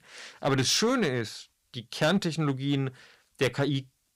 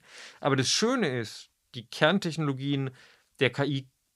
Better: second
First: distortion; slight; 3% of the sound clipped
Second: none

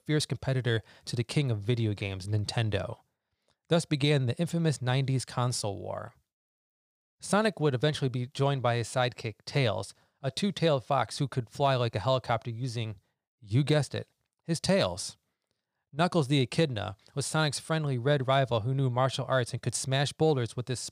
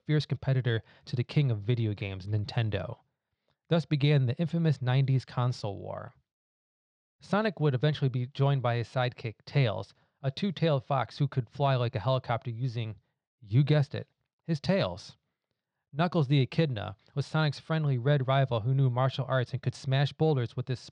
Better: first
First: none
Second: muffled; very slightly; fading above 4 kHz

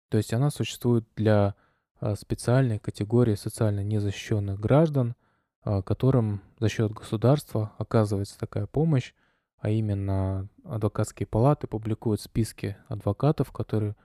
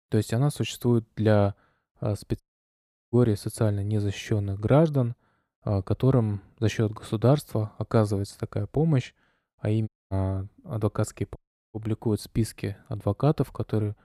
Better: first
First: none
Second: audio cutting out; at 2.5 s for 0.5 s, at 10 s and at 11 s

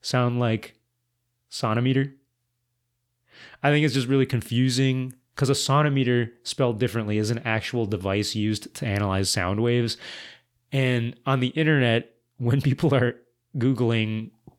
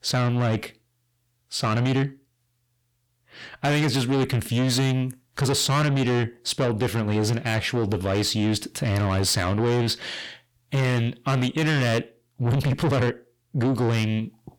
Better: first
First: none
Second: distortion; heavy; 7 dB below the speech

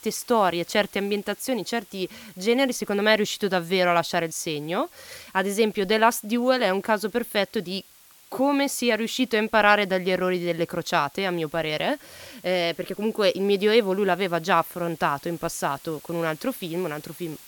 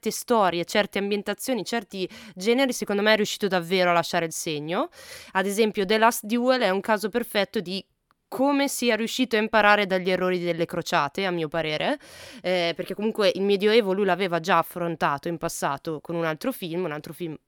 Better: second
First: hiss; faint; throughout; 25 dB below the speech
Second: none

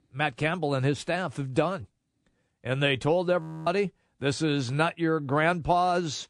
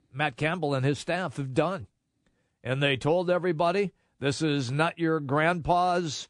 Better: second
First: audio freezing; at 3.5 s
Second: none

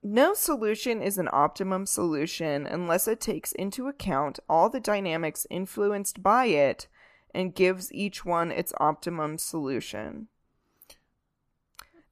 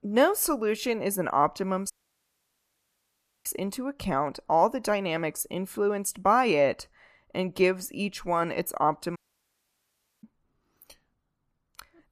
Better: first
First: none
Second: audio cutting out; at 2 s for 1.5 s and at 9 s for 1 s

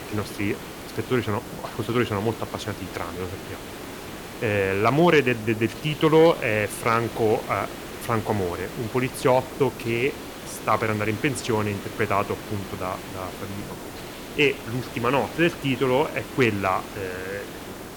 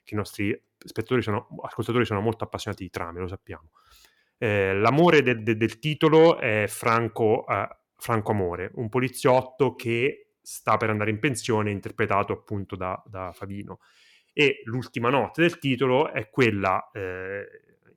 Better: second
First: hiss; noticeable; throughout; 10 dB below the speech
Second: none

